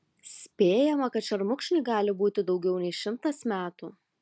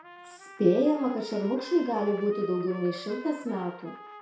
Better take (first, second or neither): first